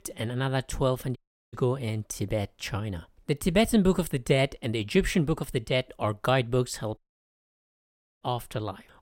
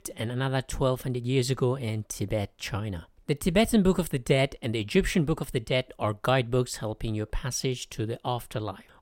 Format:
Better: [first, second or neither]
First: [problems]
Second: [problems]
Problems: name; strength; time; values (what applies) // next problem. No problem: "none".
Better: second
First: audio cutting out; at 1 s and at 7 s for 1 s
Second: none